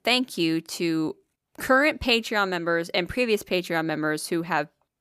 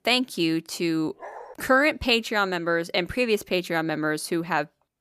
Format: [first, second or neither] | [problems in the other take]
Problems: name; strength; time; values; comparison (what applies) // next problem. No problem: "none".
first | dog barking; faint; at 1 s; peak 15 dB below the speech